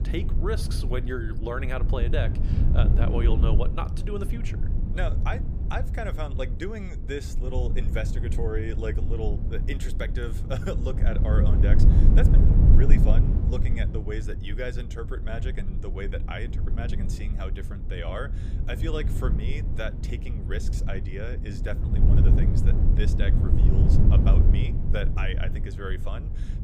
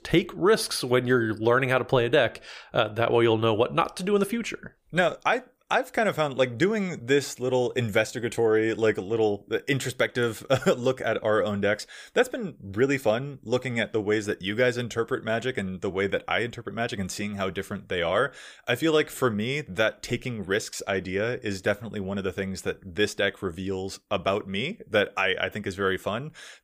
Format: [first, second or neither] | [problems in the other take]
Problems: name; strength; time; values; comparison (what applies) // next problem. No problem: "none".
second | low rumble; loud; throughout; 4 dB below the speech